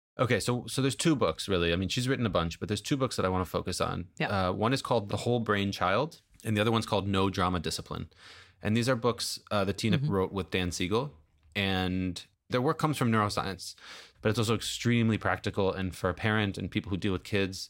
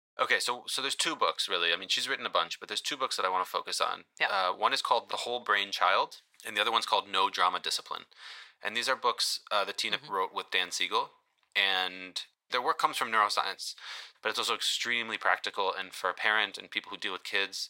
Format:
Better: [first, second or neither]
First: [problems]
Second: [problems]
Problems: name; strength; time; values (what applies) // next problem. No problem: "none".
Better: first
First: none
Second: thin; very; fading below 800 Hz